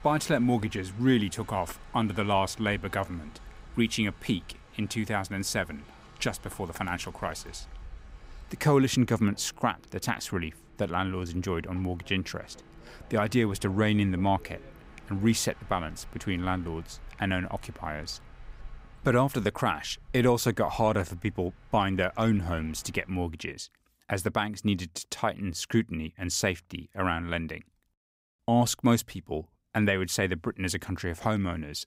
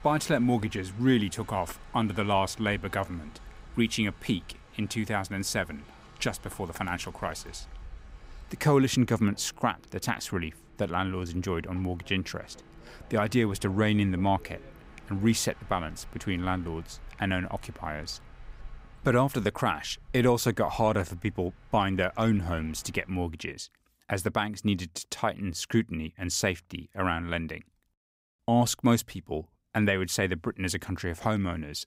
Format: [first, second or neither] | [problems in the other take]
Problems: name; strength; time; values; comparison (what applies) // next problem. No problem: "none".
neither | train or aircraft noise; faint; until 23 s; 20 dB below the speech; the same in both